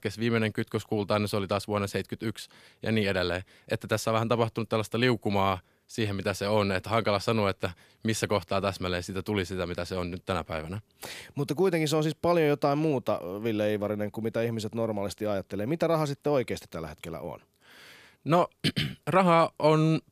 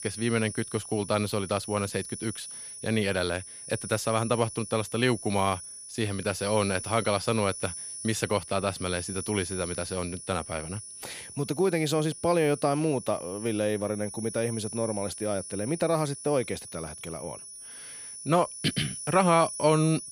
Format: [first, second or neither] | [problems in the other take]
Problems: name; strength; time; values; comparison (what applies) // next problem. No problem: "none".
first | high-pitched whine; loud; throughout; 10 kHz, 10 dB below the speech